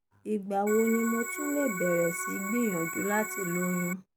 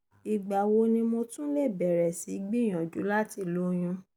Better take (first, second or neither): second